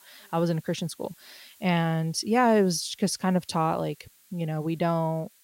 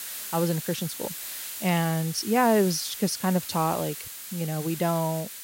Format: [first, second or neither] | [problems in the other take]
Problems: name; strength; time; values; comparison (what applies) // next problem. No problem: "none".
first | hiss; loud; throughout; 8 dB below the speech; faint in the first